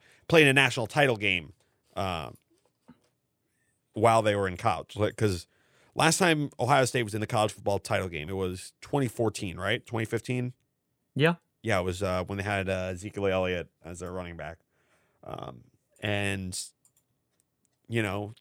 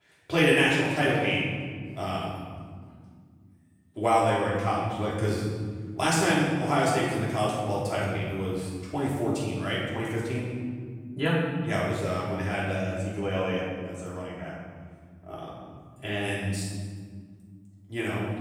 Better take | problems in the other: first | off-mic speech; far // room echo; strong; dies away in 2 s

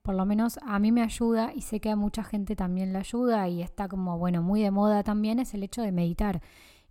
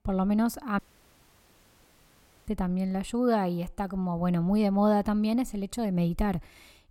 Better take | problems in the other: first | audio cutting out; at 1 s for 1.5 s

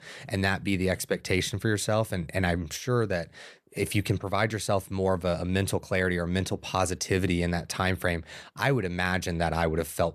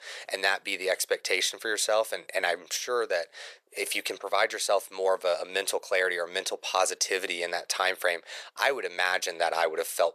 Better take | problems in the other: first | thin; very; fading below 500 Hz

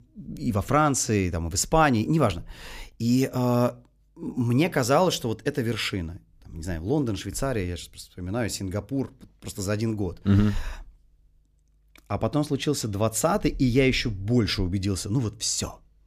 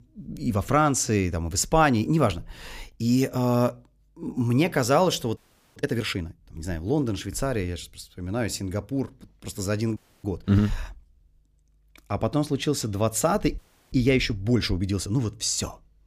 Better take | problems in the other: first | audio freezing; at 5.5 s, at 10 s and at 14 s

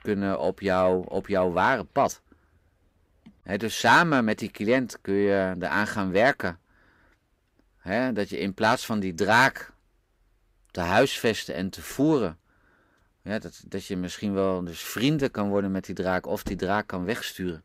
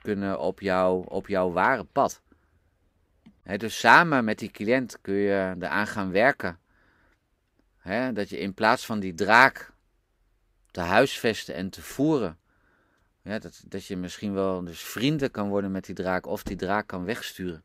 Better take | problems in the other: second | distortion; slight; 10 dB below the speech

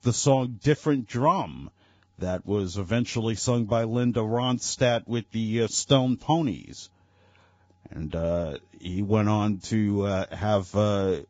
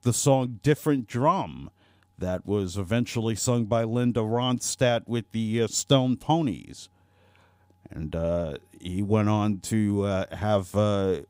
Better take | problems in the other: second | garbled, watery; badly; nothing above 7.5 kHz

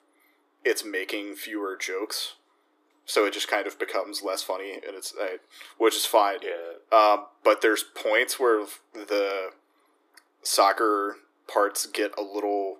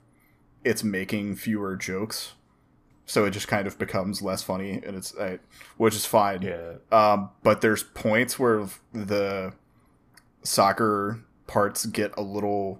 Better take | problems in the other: second | thin; very; fading below 300 Hz

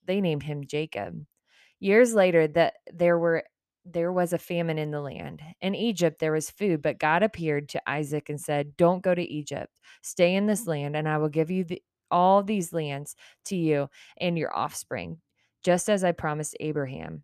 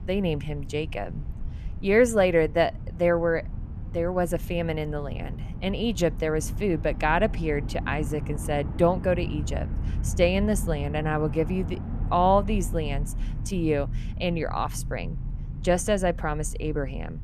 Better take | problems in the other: first | low rumble; noticeable; throughout; 20 dB below the speech

